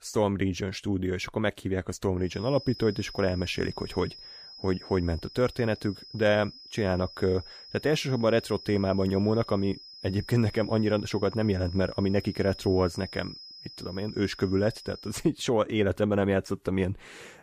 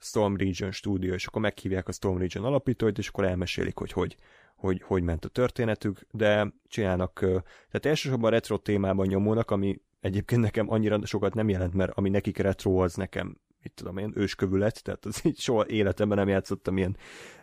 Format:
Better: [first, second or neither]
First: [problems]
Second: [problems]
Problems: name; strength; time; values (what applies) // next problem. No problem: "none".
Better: second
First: high-pitched whine; noticeable; from 2.5 to 15 s; 5 kHz, 15 dB below the speech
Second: none